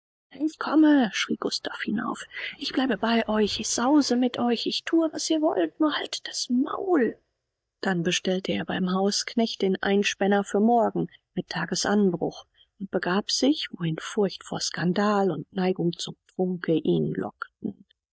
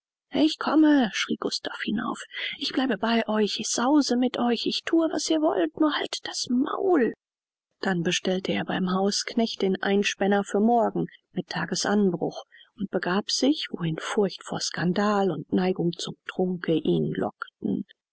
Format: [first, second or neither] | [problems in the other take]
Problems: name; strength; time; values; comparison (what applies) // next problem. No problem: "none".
second | noise reduction (neural mask model DeepFilterNet 3)